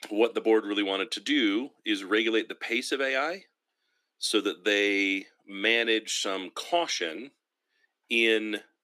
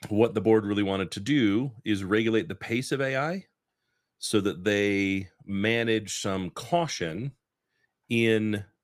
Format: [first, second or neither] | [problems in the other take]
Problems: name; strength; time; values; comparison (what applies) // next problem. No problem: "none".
second | thin; very slightly; fading below 250 Hz